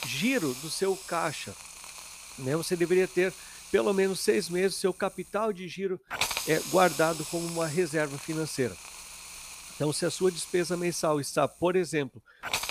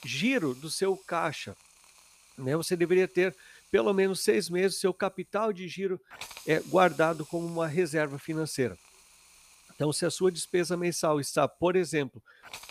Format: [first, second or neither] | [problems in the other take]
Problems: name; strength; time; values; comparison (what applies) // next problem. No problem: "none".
second | hiss; loud; throughout; 9 dB below the speech; faint in the second